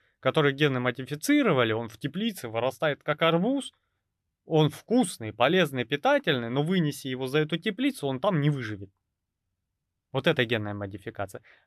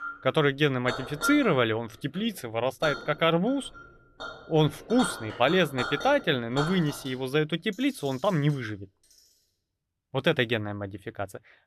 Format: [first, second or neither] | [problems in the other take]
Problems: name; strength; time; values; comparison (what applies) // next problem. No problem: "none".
first | household noises; loud; until 9 s; 10 dB below the speech